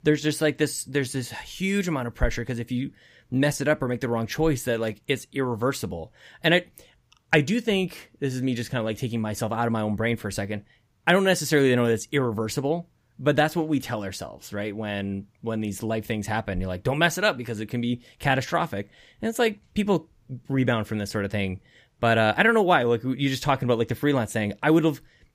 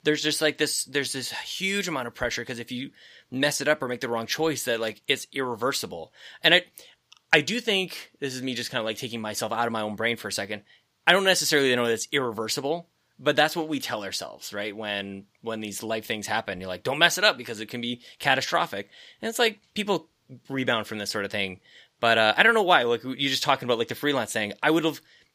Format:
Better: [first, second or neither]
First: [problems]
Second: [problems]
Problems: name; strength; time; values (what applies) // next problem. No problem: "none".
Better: first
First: none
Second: thin; somewhat; fading below 600 Hz